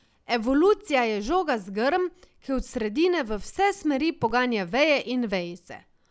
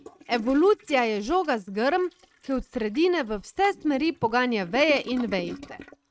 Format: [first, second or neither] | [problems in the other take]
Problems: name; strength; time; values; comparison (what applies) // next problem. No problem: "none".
first | noise reduction (neural mask model RNNoise)